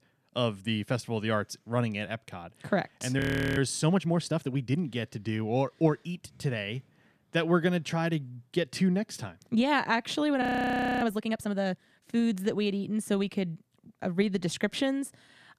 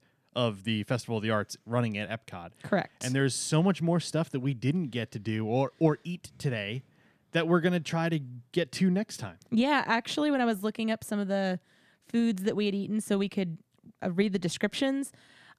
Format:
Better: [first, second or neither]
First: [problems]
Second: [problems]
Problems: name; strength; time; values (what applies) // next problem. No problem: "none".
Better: second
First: audio freezing; at 3 s and at 10 s for 0.5 s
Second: none